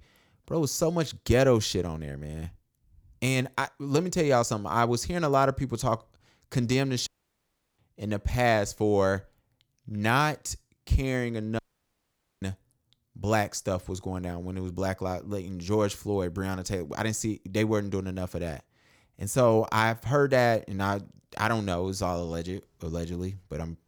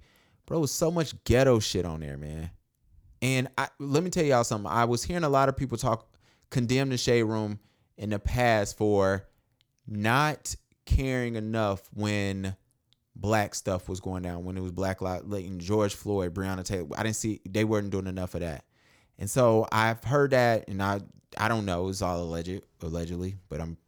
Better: second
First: audio cutting out; at 7 s for 0.5 s and at 12 s for 1 s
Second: none

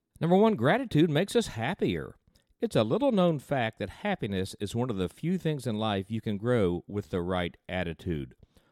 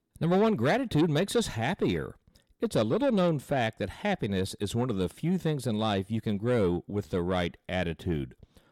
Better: first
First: none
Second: distortion; slight; 10 dB below the speech

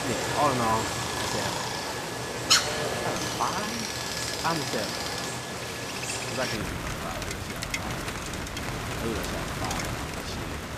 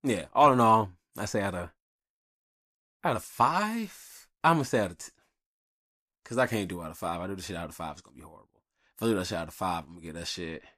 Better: second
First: rain or running water; very loud; throughout; 4 dB above the speech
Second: none

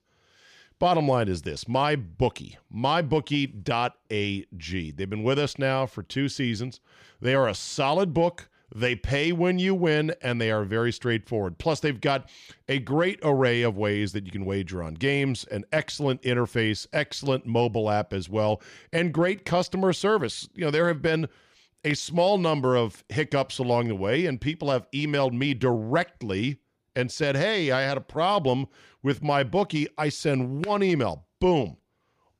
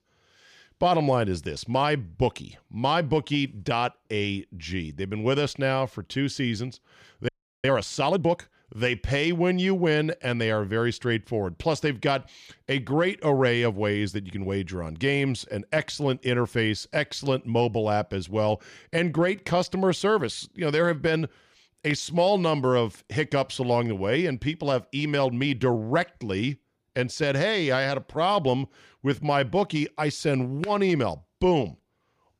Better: first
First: none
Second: audio freezing; at 7.5 s

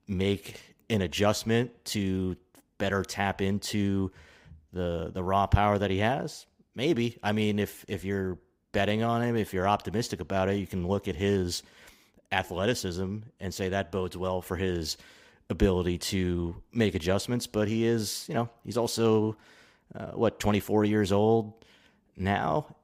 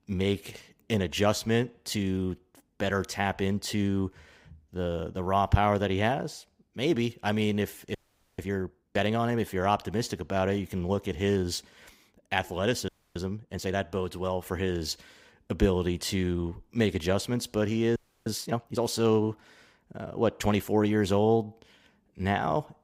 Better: first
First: none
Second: audio freezing; at 8 s, at 13 s and at 18 s

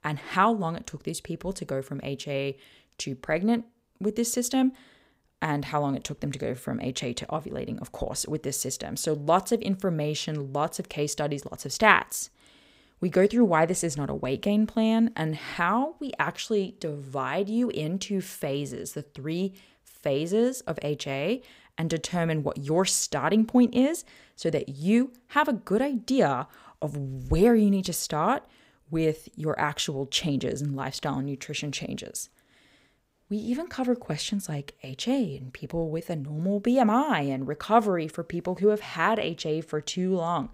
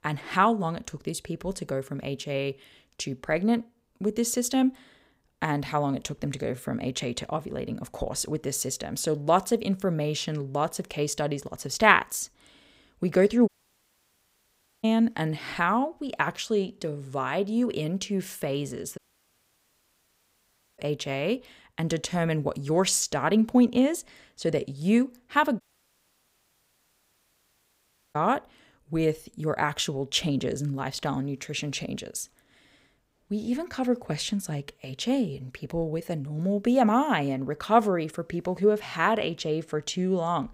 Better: first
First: none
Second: audio cutting out; at 13 s for 1.5 s, at 19 s for 2 s and at 26 s for 2.5 s

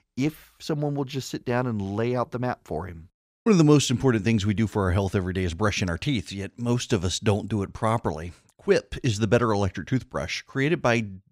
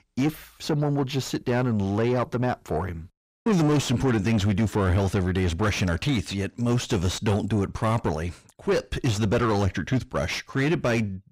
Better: first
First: none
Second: distortion; heavy; 7 dB below the speech

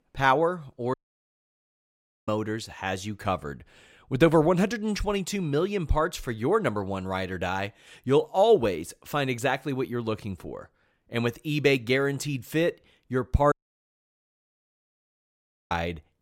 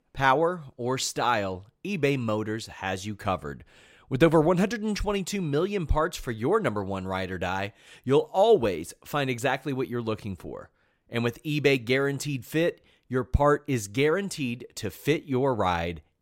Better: second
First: audio cutting out; at 1 s for 1.5 s and at 14 s for 2 s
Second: none

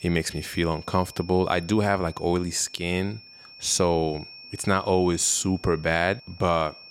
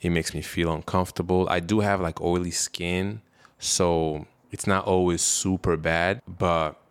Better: second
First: high-pitched whine; noticeable; throughout; 5.5 kHz, 20 dB below the speech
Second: none

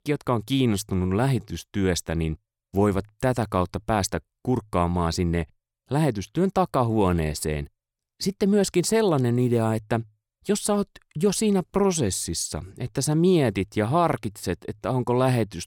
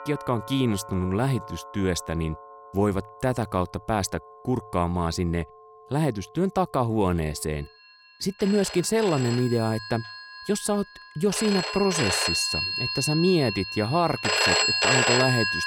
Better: first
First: none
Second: alarms or sirens; very loud; throughout; 1 dB above the speech

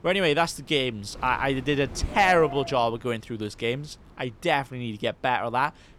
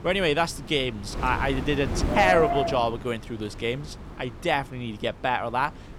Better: first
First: wind noise on the microphone; occasional gusts; 15 dB below the speech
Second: wind noise on the microphone; heavy; 3 dB below the speech

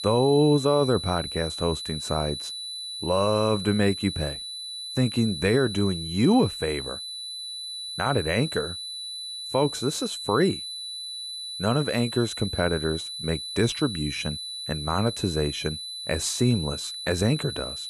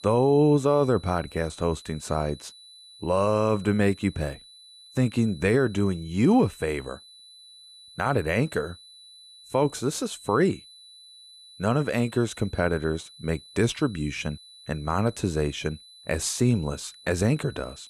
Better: second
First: high-pitched whine; loud; throughout; 4 kHz, 7 dB below the speech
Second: high-pitched whine; faint; throughout; 4 kHz, 20 dB below the speech

